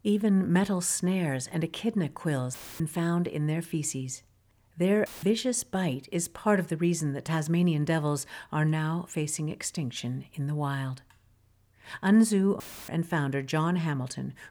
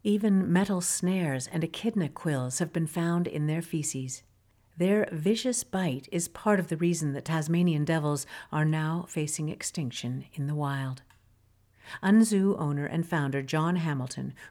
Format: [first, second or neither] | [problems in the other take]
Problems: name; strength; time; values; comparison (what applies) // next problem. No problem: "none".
second | audio cutting out; filled with static; at 2.5 s, at 5 s and at 13 s